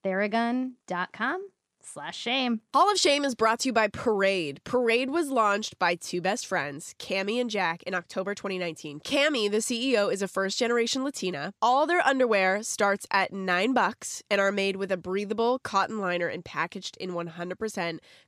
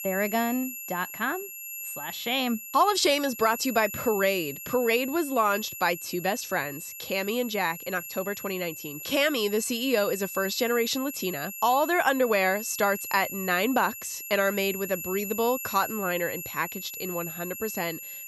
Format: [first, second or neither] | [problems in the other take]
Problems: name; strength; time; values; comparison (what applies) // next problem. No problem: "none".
first | high-pitched whine; loud; throughout; 11.5 kHz, 9 dB below the speech